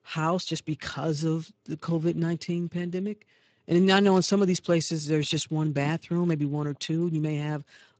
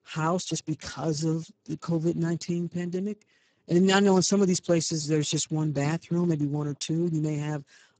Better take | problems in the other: first | garbled, watery; badly; nothing above 7.5 kHz; slightly in the first

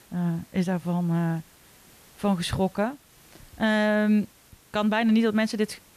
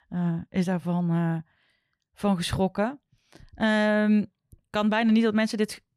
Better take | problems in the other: second | hiss; faint; throughout; 25 dB below the speech

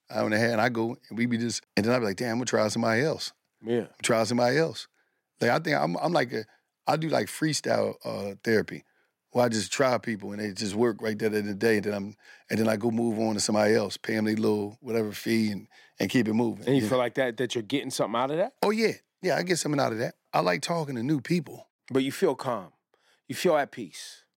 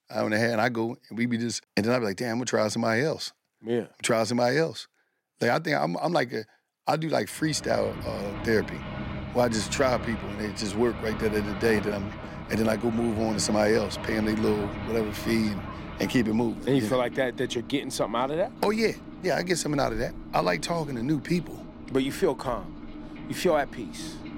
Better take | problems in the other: first | rain or running water; noticeable; from 7.5 s on; 10 dB below the speech

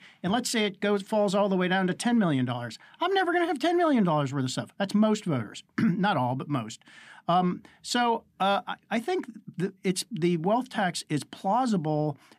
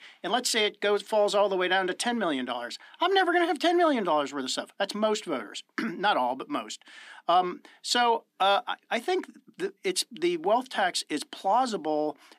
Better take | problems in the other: first | thin; somewhat; fading below 300 Hz

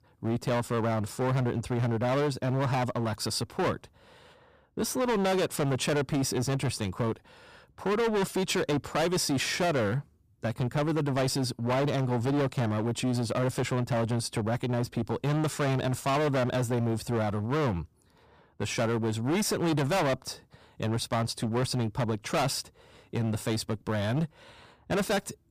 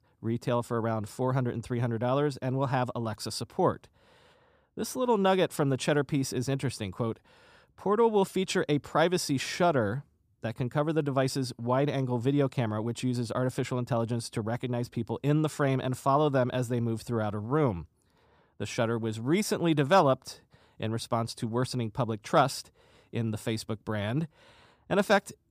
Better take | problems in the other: second | distortion; heavy; 19% of the sound clipped

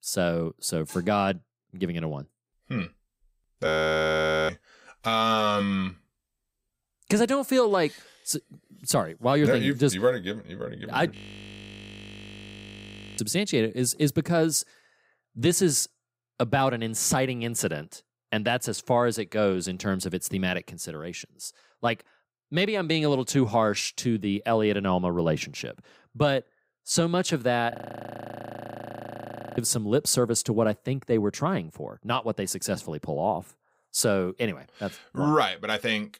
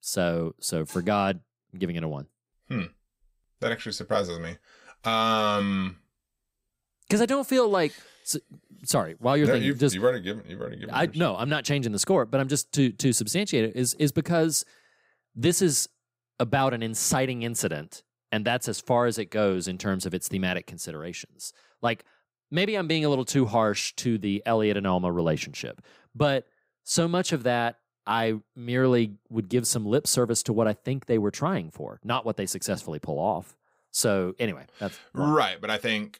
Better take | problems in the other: second | audio freezing; at 3.5 s for 1 s, at 11 s for 2 s and at 28 s for 2 s

